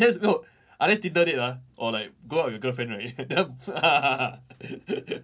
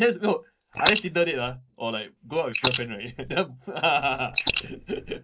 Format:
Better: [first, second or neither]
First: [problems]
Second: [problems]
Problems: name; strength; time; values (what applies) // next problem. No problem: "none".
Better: first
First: none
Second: noise reduction (neural mask model Resemble Enhance denoiser)